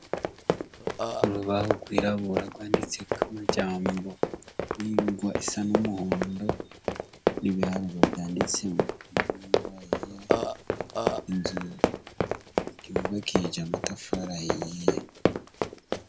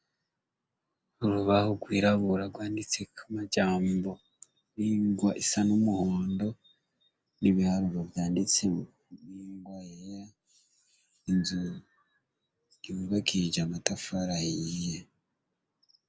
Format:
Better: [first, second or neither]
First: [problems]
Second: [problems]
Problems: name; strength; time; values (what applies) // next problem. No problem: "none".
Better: second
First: background sound (Burping, eructation + Run); 3 dB above the speech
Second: none